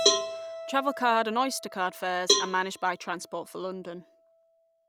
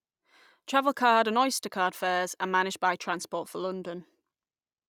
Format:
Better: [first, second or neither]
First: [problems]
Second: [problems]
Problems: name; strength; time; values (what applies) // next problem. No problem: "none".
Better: second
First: background sound (Cowbell + Keyboard (musical)); 1 dB below the speech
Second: none